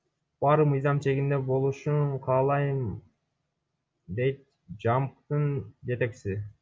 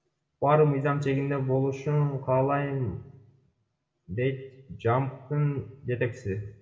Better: first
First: none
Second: room echo; dies away in 0.8 s

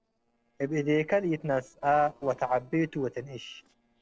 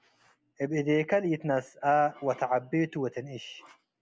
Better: second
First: noise reduction (neural separator model SepFormer DNS4)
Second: none

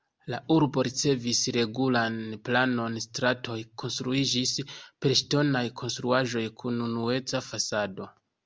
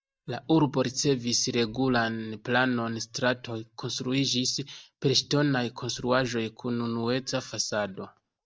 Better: first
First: none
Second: noise reduction (neural mask model DeepFilterNet 3)

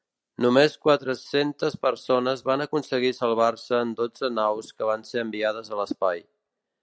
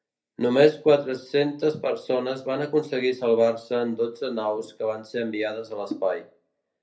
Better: first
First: none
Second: room echo; dies away in 0.3 s

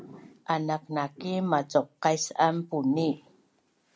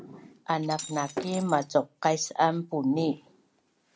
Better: first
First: none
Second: background sound (Shatter); 10 dB below the speech

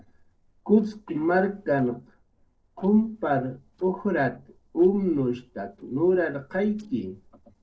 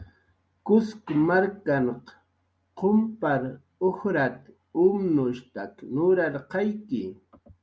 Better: second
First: noise reduction (neural separator model SepFormer DNS4)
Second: none

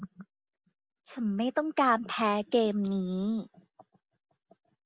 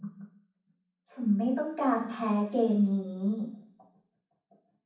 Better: first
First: none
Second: room echo; dies away in 0.6 s

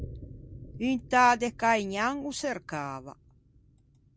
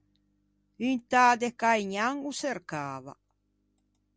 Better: second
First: background sound (Boom); 18 dB below the speech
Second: none

